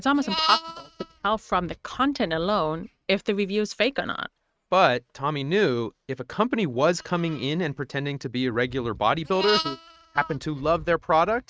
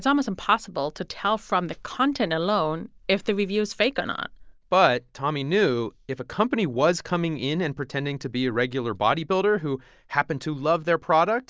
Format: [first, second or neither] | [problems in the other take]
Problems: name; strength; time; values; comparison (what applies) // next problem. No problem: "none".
second | noise reduction (neural mask model RNNoise)